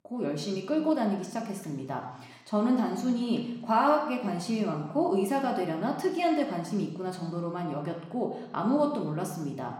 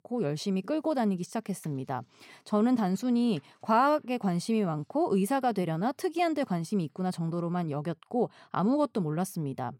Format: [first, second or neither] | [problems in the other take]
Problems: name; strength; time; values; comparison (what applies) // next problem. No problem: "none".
second | room echo; slight; dies away in 0.9 s // off-mic speech; somewhat distant